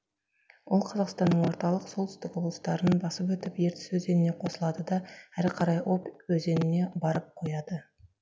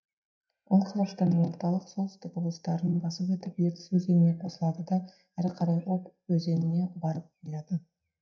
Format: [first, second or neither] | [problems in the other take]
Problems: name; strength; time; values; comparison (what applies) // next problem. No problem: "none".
first | noise reduction (neural mask model DeepFilterNet 3)